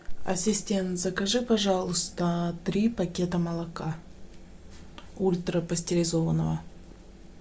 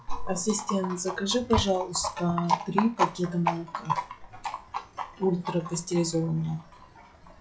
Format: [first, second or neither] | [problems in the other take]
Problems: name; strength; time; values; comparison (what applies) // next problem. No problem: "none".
first | noise reduction (classical method log-MMSE)